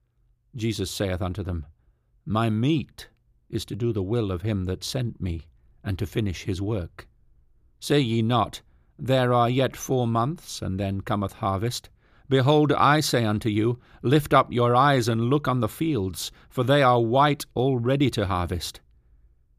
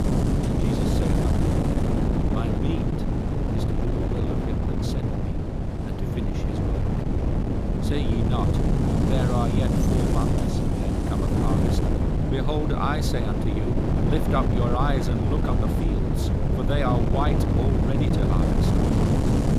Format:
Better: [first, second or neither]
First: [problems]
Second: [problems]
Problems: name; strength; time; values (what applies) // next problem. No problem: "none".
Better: first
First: none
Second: wind noise on the microphone; heavy; 2 dB above the speech